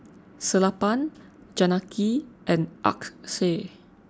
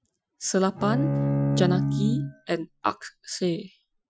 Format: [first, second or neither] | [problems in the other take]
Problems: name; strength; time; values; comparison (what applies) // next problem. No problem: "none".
first | noise reduction (classical method Wiener filter)